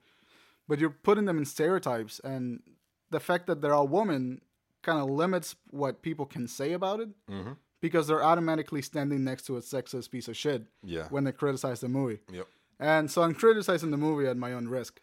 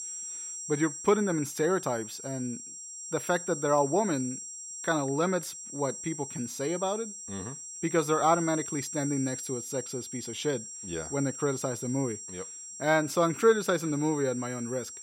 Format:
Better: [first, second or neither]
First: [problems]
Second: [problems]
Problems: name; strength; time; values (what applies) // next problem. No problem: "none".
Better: first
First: none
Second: high-pitched whine; loud; throughout; 7.5 kHz, 8 dB below the speech